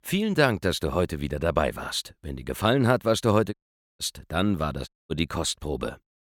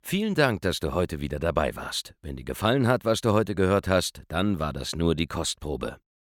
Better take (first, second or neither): second